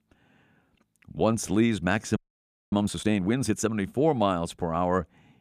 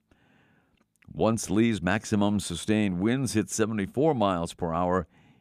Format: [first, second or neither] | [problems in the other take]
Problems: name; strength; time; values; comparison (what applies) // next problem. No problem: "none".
second | audio freezing; at 2 s for 0.5 s